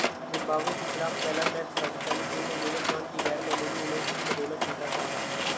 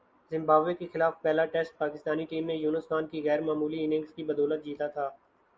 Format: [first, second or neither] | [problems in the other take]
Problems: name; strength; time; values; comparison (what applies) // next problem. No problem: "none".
second | background sound (Mechanisms); 4 dB above the speech